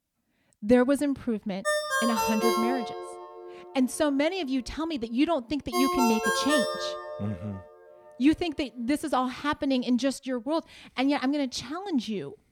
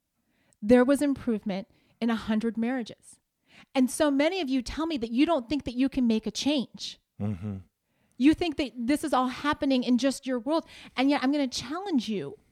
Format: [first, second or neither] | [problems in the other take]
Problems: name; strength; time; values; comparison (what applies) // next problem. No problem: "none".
second | phone ringing; loud; from 1.5 to 7.5 s; peak 3 dB above the speech